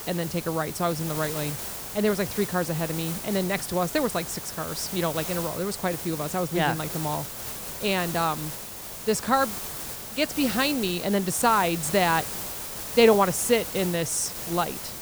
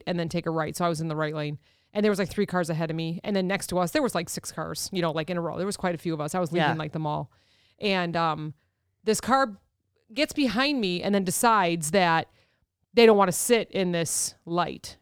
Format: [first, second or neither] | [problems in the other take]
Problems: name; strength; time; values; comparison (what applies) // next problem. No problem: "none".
second | hiss; loud; throughout; 7 dB below the speech